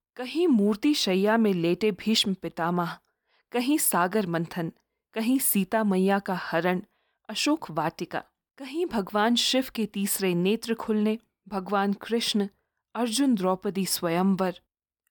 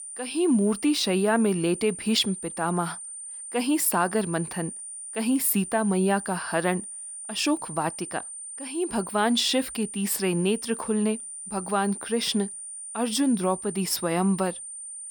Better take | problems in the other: first | high-pitched whine; loud; throughout; 9 kHz, 10 dB below the speech

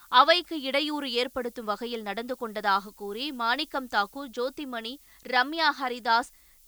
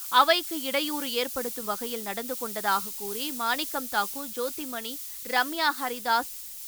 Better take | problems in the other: first | hiss; loud; throughout; 4 dB below the speech; faint in the first

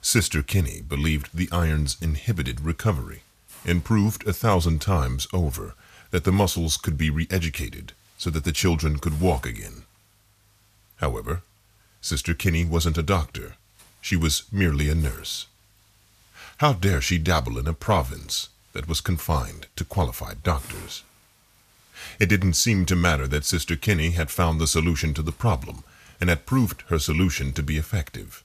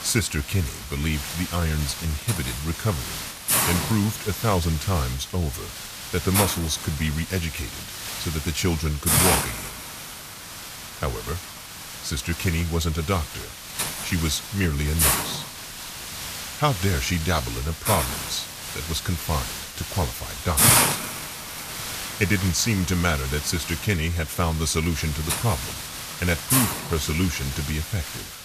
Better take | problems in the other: first | hiss; loud; throughout; 1 dB below the speech; faint in the first

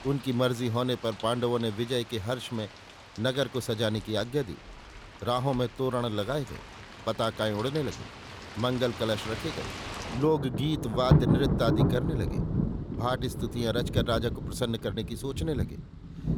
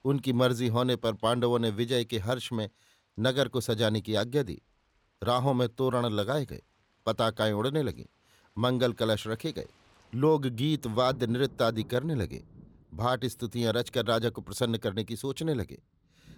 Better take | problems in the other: second | rain or running water; loud; throughout; 2 dB below the speech; faint in the second

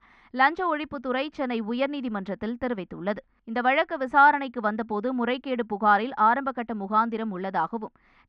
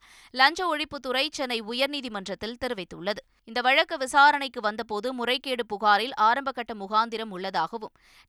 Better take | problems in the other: second | muffled; very; fading above 1.5 kHz

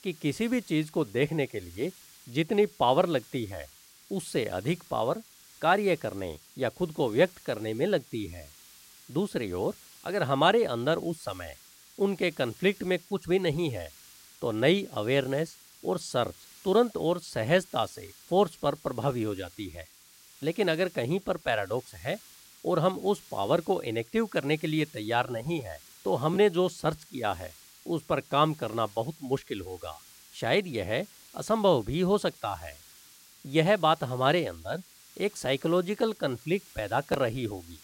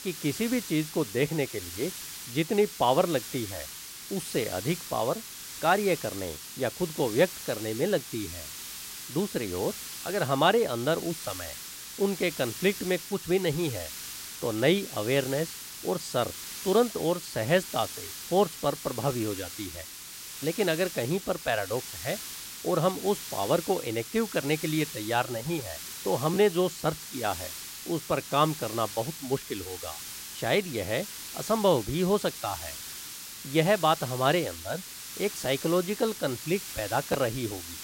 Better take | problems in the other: first | hiss; loud; throughout; 9 dB below the speech; faint in the first

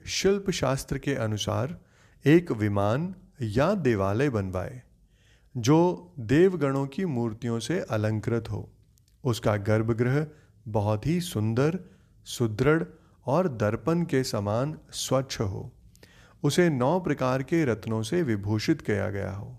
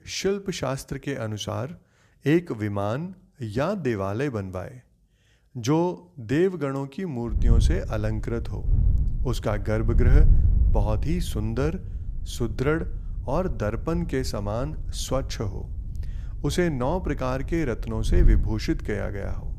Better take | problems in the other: first | wind noise on the microphone; occasional gusts; from 7.5 s on; 15 dB below the speech

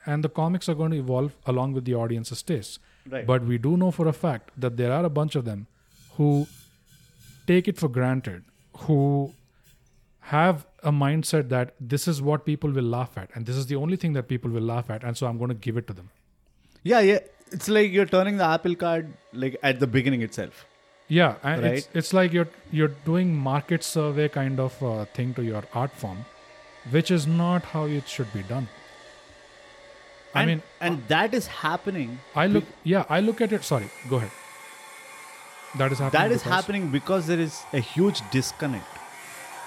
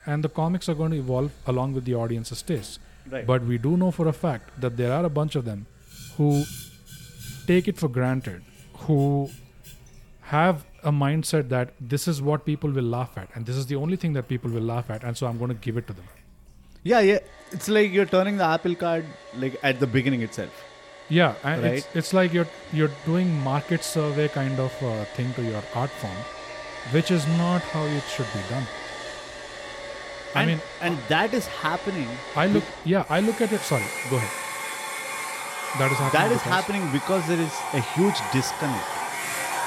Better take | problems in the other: first | household noises; loud; throughout; 8 dB below the speech; faint in the first

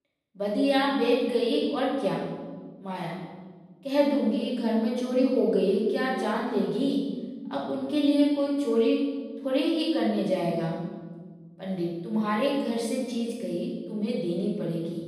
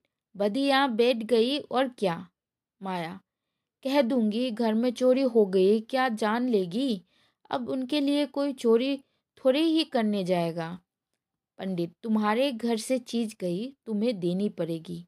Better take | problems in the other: second | room echo; noticeable; dies away in 1.3 s // off-mic speech; far

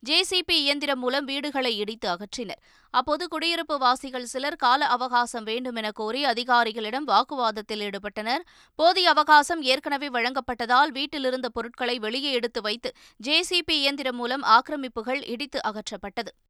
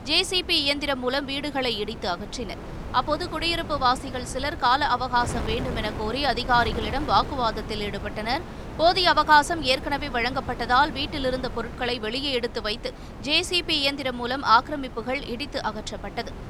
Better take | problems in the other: first | wind noise on the microphone; occasional gusts; 15 dB below the speech

